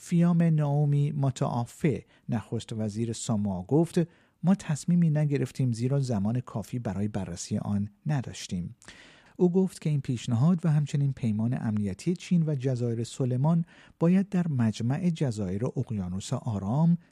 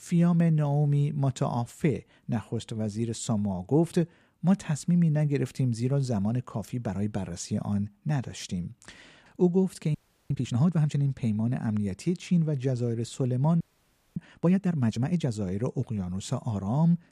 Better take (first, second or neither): first